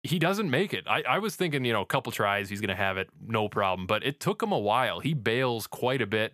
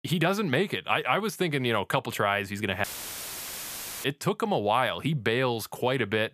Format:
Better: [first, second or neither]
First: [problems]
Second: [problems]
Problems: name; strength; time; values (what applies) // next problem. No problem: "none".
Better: first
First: none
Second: audio cutting out; filled with static; at 3 s for 1 s